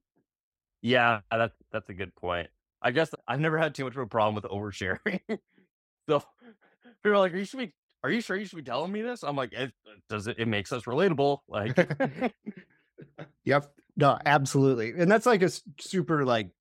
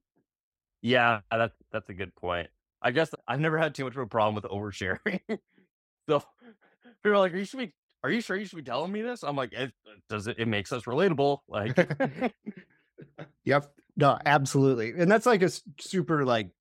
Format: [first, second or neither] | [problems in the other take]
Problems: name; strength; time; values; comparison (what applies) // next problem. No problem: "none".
neither | none